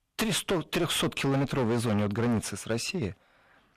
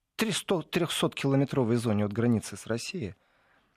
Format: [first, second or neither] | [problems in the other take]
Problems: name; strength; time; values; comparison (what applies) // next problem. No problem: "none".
second | distortion; heavy; 17% of the sound clipped